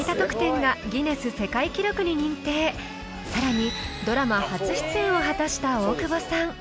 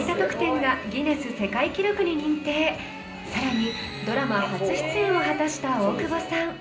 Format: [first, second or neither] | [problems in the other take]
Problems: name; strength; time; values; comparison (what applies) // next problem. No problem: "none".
first | room echo; dies away in 0.5 s